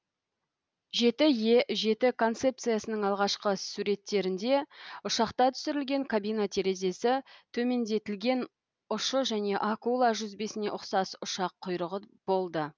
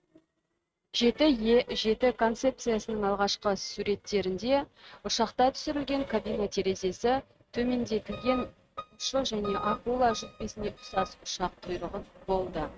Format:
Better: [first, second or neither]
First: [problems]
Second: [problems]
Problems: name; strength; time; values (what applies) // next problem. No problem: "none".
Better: first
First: none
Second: noise reduction (neural mask model RNNoise)